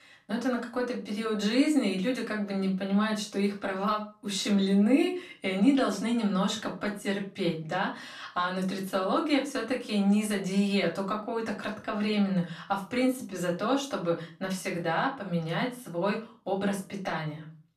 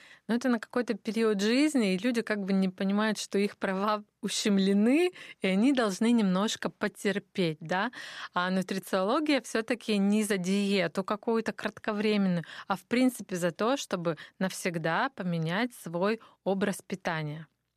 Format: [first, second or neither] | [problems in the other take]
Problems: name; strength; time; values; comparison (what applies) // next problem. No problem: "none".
second | off-mic speech; far // room echo; very slight; dies away in 0.3 s